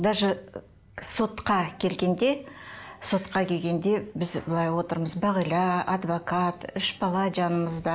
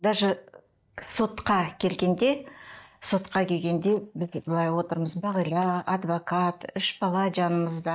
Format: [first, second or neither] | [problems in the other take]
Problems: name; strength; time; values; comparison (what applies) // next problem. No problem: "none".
first | noise reduction (neural mask model DeepFilterNet 3)